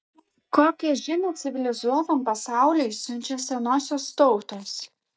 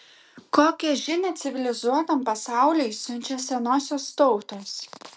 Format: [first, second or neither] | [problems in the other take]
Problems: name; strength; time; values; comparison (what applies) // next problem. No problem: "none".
second | noise reduction (neural mask model DeepFilterNet 3)